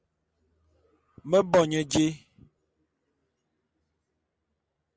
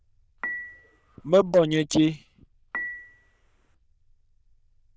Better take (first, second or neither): first